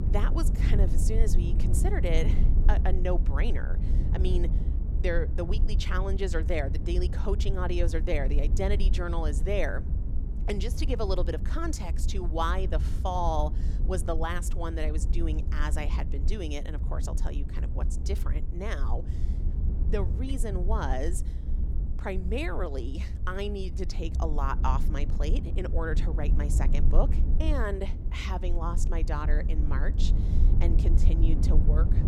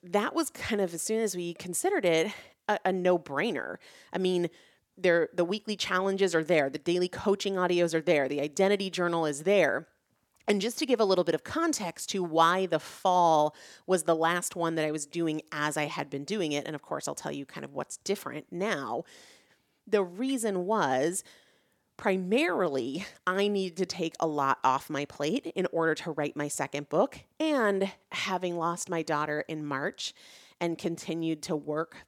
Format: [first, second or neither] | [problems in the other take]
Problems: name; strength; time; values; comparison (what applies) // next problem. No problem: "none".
second | low rumble; loud; throughout; 10 dB below the speech